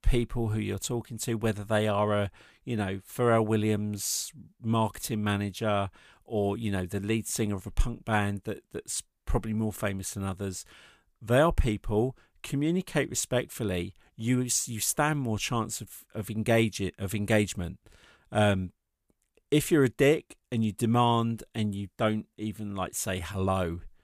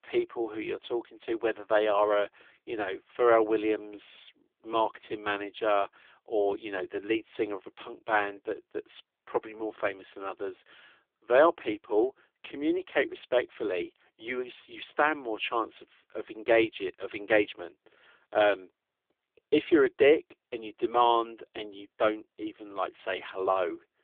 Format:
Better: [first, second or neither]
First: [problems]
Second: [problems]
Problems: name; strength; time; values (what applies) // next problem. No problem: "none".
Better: first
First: none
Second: phone-call audio; poor line; nothing above 3.5 kHz